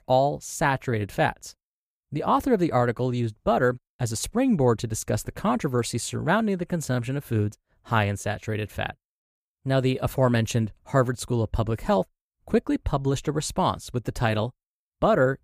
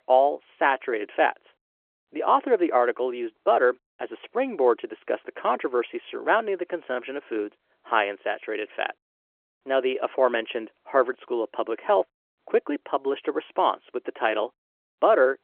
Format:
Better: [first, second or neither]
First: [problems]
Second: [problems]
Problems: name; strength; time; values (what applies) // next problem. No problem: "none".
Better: first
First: none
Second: phone-call audio